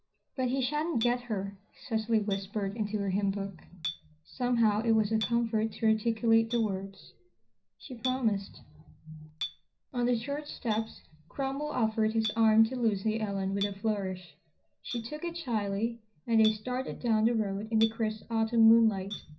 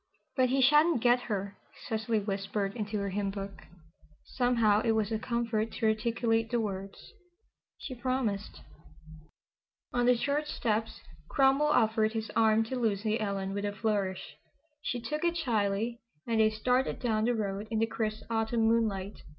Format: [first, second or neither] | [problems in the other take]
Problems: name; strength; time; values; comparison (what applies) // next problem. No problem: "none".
second | background sound (Chink, clink); 16 dB below the speech // room echo; dies away in 0.5 s